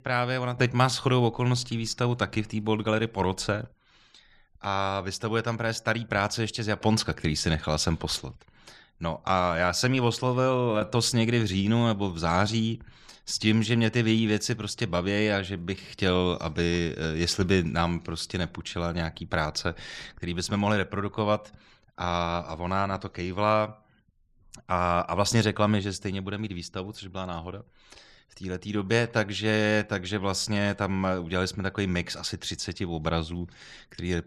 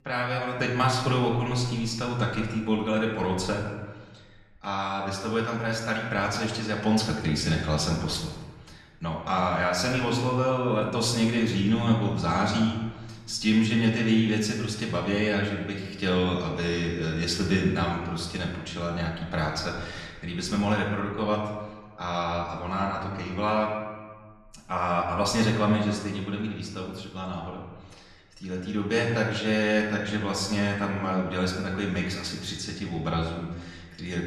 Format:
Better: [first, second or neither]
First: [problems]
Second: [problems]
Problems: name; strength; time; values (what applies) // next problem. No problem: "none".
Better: first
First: none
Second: room echo; noticeable; dies away in 1.1 s // off-mic speech; far